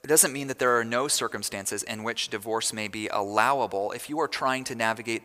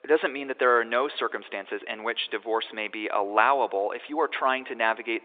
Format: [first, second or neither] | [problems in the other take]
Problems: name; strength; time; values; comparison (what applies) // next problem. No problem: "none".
first | phone-call audio; nothing above 3.5 kHz